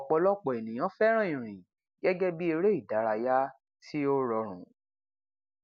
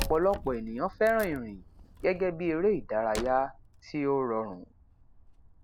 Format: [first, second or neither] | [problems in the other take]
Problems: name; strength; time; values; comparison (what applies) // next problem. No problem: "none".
first | background sound (Wood); 13 dB below the speech